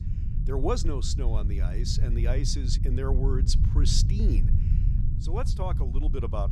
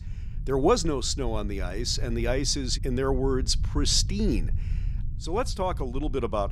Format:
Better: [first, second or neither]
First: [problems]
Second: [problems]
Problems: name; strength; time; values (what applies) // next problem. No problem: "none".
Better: second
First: low rumble; loud; throughout; 8 dB below the speech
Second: low rumble; faint; throughout; 20 dB below the speech